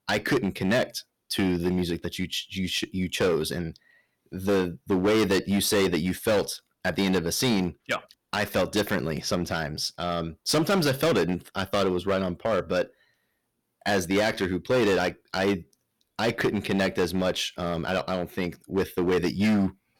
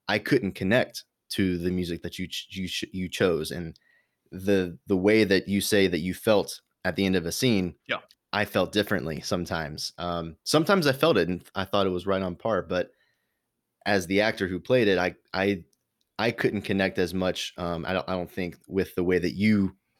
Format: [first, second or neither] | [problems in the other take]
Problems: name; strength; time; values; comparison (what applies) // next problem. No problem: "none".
second | distortion; heavy; 9% of the sound clipped